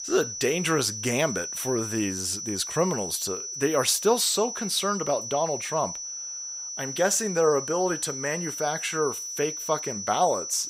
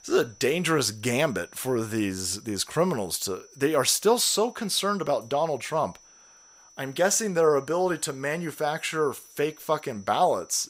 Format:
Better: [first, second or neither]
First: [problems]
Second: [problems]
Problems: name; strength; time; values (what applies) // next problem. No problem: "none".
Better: second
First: high-pitched whine; loud; throughout; 6 kHz, 6 dB below the speech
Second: high-pitched whine; faint; throughout; 6 kHz, 25 dB below the speech